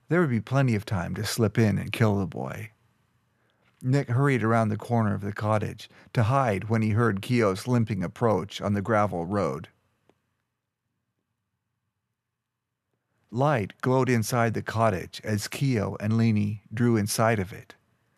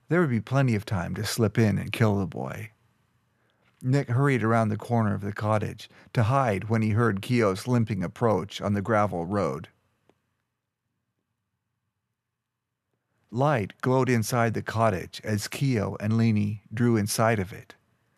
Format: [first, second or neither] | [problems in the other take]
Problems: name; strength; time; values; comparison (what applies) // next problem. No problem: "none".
neither | none